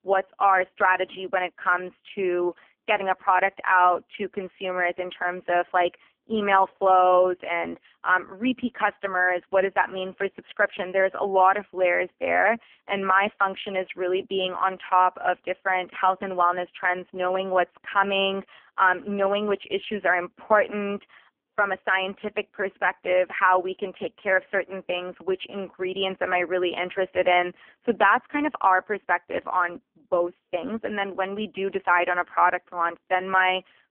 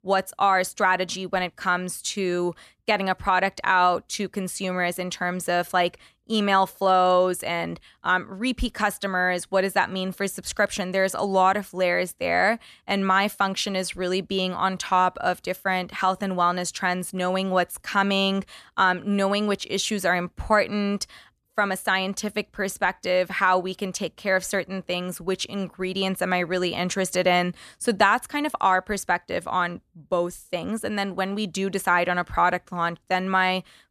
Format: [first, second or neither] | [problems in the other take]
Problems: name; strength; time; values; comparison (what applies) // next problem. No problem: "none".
second | phone-call audio; poor line; nothing above 3 kHz